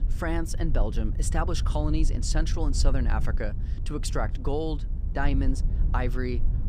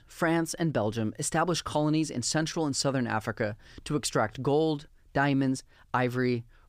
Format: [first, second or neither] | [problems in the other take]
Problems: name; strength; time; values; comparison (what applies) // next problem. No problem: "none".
second | low rumble; noticeable; throughout; 15 dB below the speech